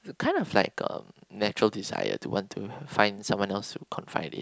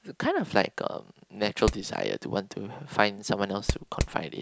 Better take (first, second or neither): first